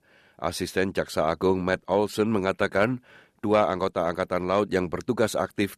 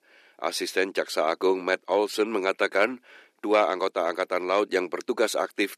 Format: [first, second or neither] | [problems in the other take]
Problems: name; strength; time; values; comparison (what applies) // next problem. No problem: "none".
first | thin; somewhat; fading below 300 Hz